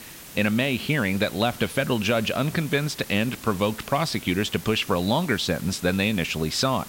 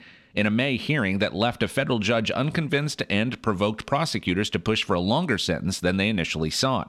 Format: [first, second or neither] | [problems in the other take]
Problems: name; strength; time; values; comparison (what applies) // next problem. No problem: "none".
second | hiss; noticeable; throughout; 15 dB below the speech